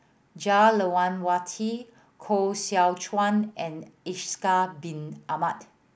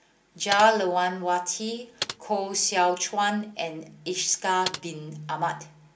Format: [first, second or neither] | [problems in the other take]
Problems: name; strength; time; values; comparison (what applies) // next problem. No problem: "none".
first | background sound (Computer keyboard); 12 dB below the speech // room echo; dies away in 0.2 s